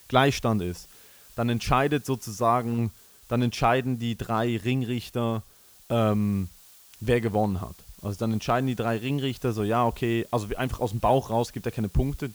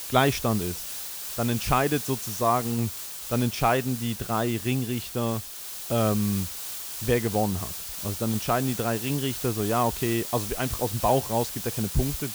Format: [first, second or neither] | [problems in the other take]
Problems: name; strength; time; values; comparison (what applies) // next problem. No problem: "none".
first | hiss; loud; throughout; 6 dB below the speech; faint in the first